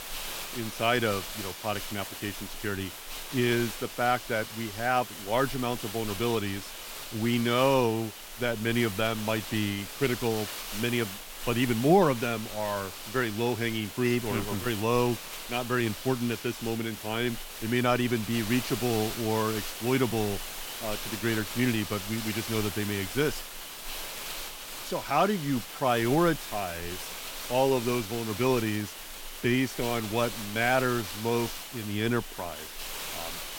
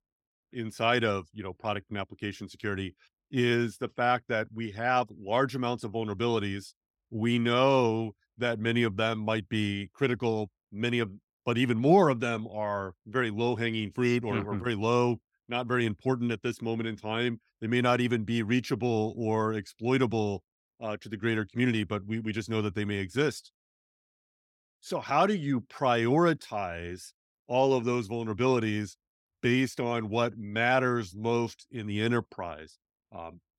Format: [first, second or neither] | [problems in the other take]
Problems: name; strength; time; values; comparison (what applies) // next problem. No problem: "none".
second | hiss; loud; throughout; 8 dB below the speech